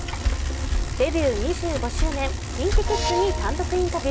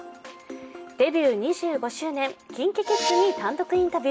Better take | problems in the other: second | background sound (Bicycle); 1 dB above the speech

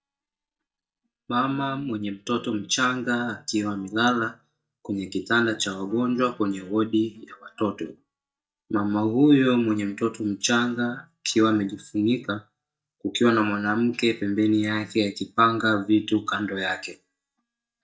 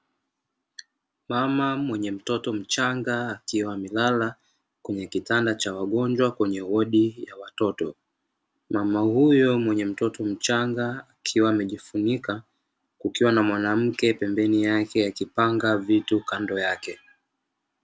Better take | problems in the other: second | noise reduction (neural mask model DeepFilterNet 3)

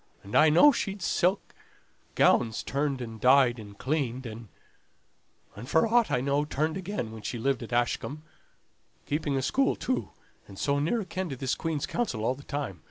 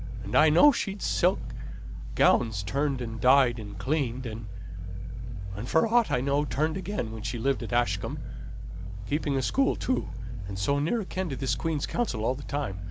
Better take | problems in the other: first | background sound (Growling); 6 dB below the speech

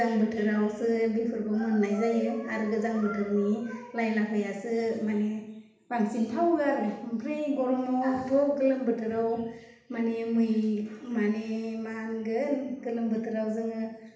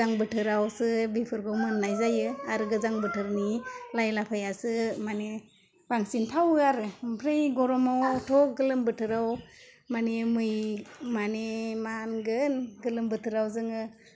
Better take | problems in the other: second | room echo; dies away in 0.8 s

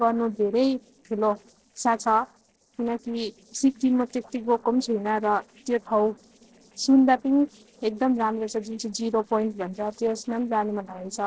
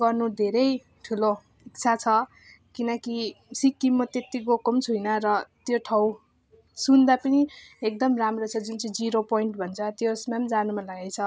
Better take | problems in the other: second | noise reduction (neural separator model SepFormer DNS4)

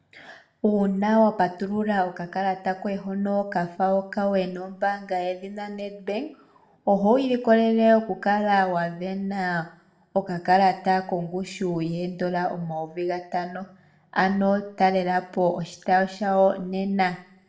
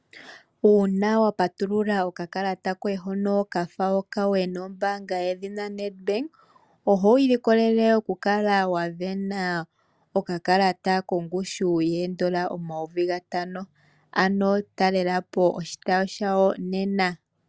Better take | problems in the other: second | room echo; dies away in 0.5 s

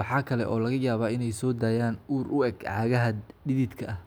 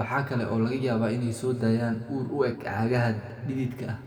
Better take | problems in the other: first | room echo; dies away in 1.9 s

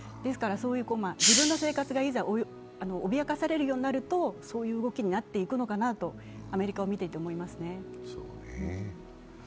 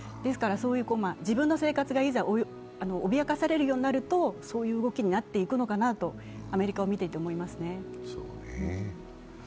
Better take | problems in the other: second | background sound (Hiss); 1 dB above the speech

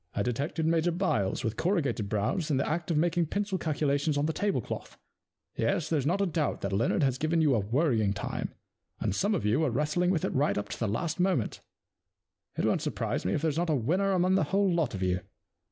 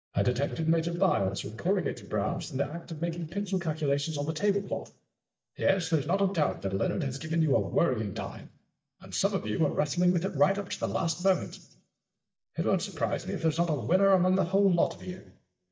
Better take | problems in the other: first | noise reduction (neural mask model DeepFilterNet 3)

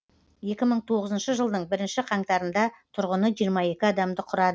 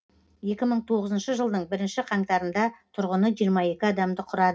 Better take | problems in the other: first | room echo; dies away in 0.3 s

